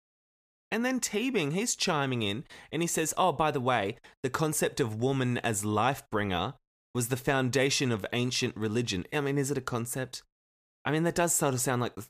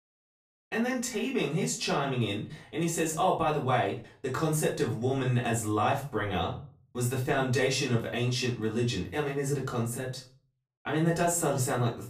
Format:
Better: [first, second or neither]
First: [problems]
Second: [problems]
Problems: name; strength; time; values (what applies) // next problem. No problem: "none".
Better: first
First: none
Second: off-mic speech; far // room echo; slight; dies away in 0.4 s